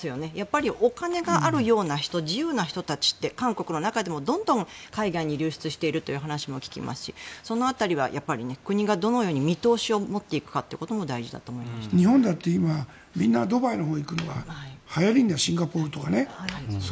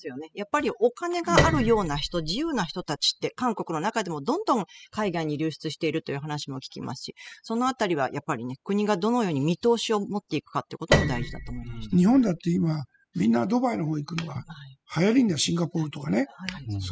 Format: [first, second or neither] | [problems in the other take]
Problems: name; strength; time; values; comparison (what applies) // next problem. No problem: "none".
first | noise reduction (classical method spectral subtraction)